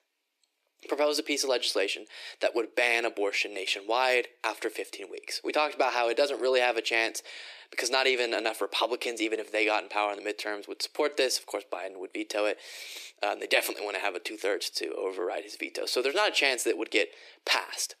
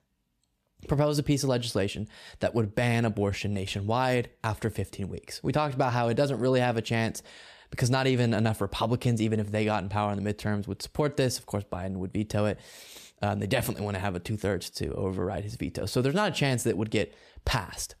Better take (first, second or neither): second